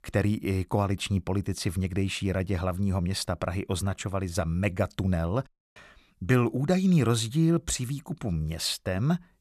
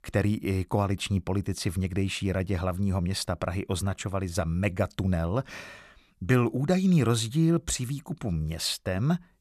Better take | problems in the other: second | audio cutting out; at 5.5 s

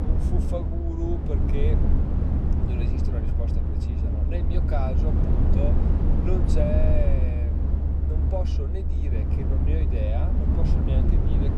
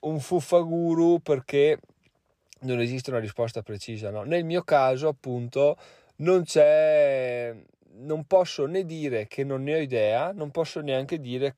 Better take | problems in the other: second | low rumble; loud; throughout; 1 dB below the speech

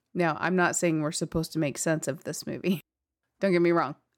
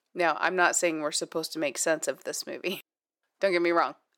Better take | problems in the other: first | thin; very; fading below 500 Hz

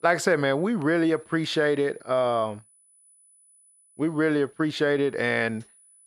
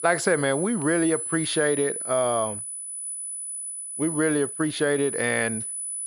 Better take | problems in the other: first | high-pitched whine; loud; throughout; 10 kHz, 5 dB below the speech; faint in the first

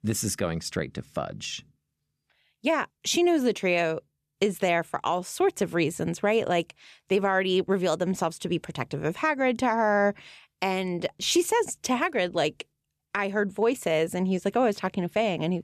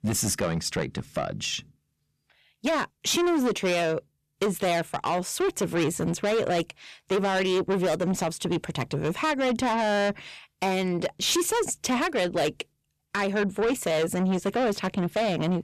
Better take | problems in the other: first | distortion; heavy; 7 dB below the speech

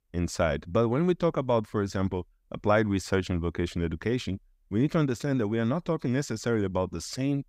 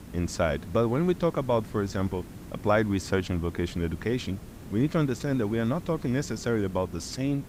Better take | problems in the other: first | hiss; noticeable; throughout; 15 dB below the speech

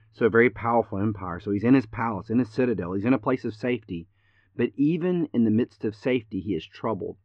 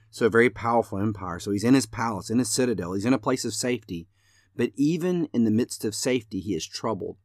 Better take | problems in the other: second | muffled; very; fading above 2.5 kHz

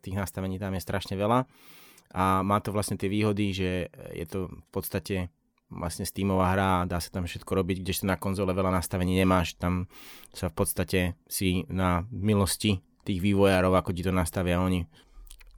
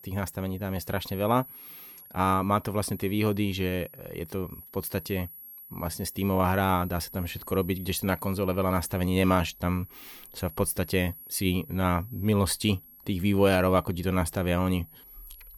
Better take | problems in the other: first | high-pitched whine; noticeable; throughout; 11.5 kHz, 15 dB below the speech

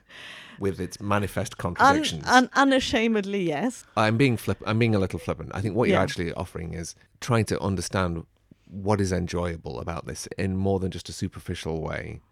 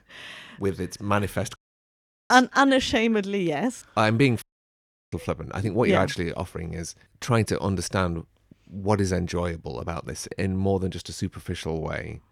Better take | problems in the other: first | audio cutting out; at 1.5 s for 0.5 s and at 4.5 s for 0.5 s

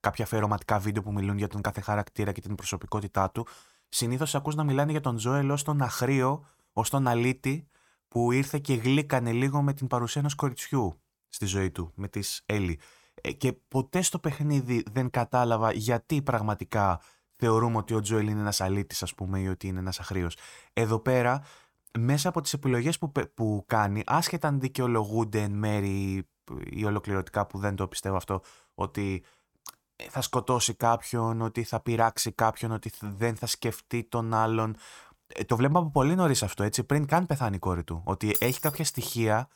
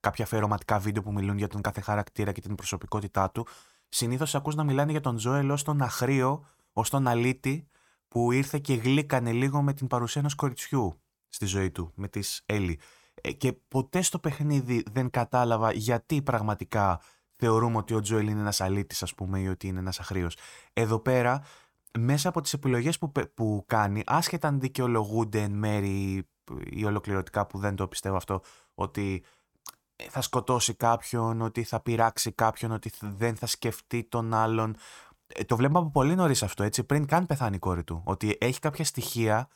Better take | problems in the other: second | jangling keys; noticeable; at 38 s; peak level with the speech

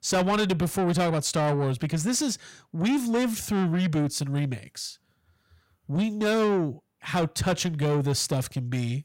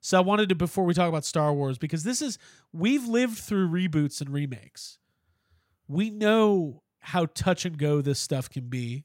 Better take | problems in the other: second | distortion; heavy; 8 dB below the speech

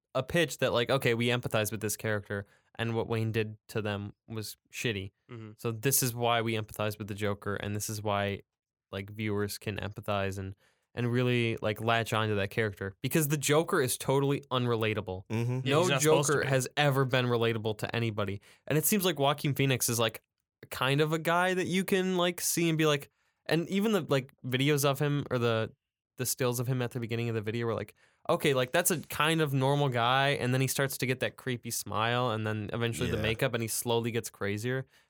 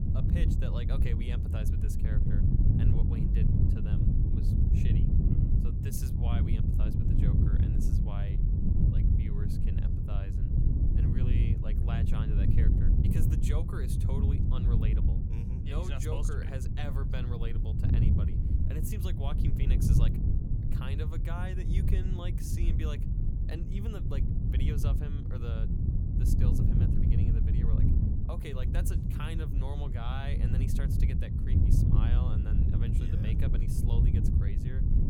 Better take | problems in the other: first | wind noise on the microphone; heavy; 3 dB above the speech

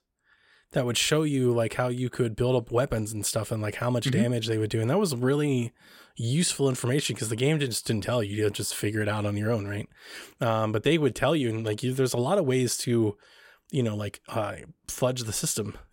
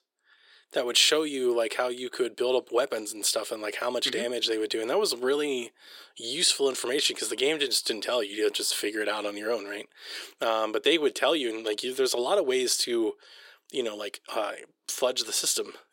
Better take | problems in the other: first | thin; somewhat; fading below 350 Hz

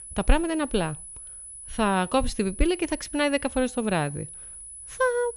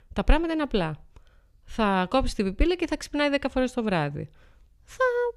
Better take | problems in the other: second | high-pitched whine; noticeable; throughout; 10 kHz, 15 dB below the speech

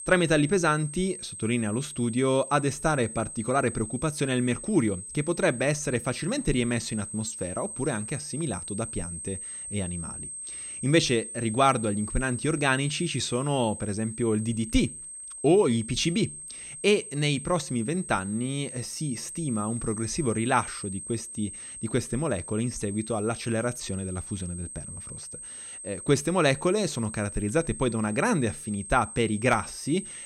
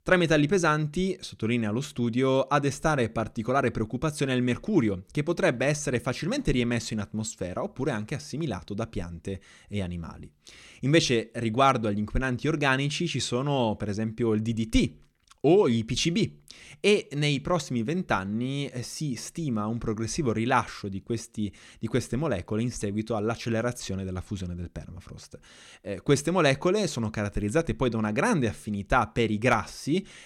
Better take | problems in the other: second | high-pitched whine; loud; throughout; 8.5 kHz, 9 dB below the speech

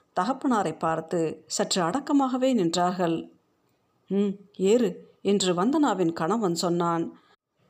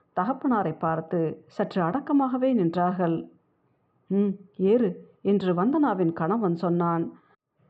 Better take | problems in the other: first | muffled; very slightly; fading above 2 kHz

